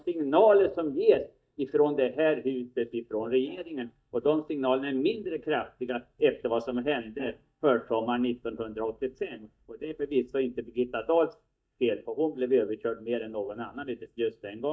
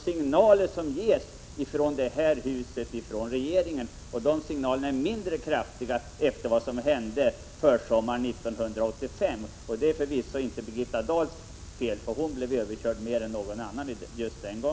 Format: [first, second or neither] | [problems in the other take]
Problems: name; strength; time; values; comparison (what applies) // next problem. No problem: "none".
second | noise reduction (neural mask model DeepFilterNet 3)